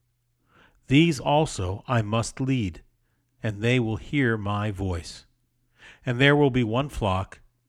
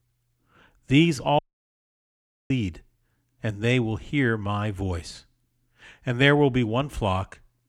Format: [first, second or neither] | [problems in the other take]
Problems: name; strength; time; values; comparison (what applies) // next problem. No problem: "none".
first | audio cutting out; at 1.5 s for 1 s